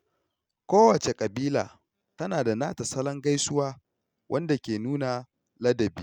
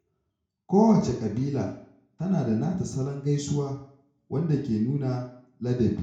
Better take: first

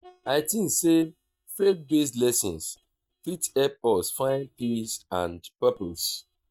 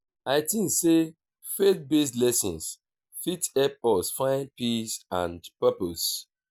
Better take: second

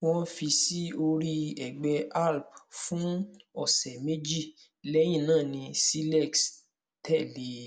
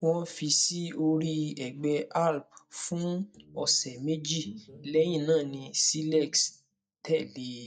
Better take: first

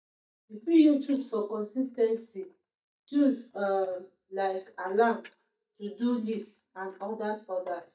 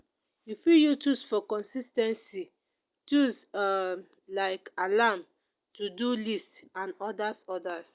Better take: second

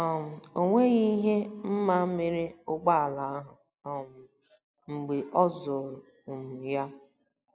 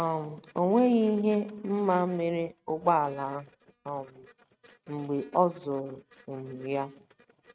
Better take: first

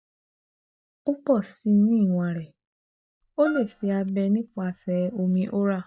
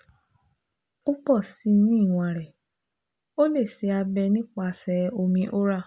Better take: second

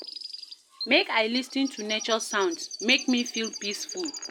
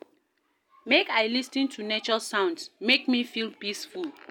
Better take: second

